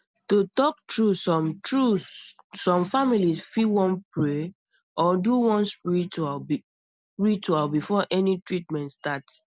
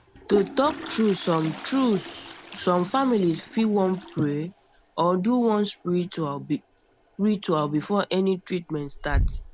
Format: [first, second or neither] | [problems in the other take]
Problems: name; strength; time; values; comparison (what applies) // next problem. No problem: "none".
first | background sound (Toilet flush); 11 dB below the speech